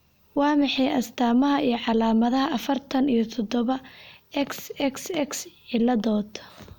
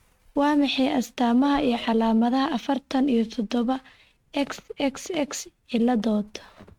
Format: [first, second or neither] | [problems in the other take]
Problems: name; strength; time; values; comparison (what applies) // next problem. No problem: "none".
first | noise reduction (neural mask model RNNoise)